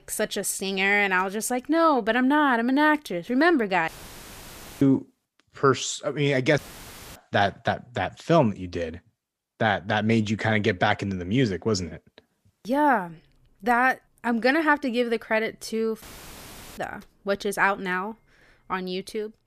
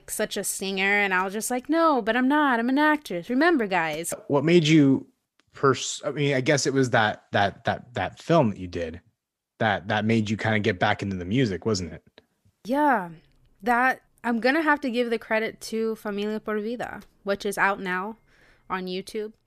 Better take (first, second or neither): second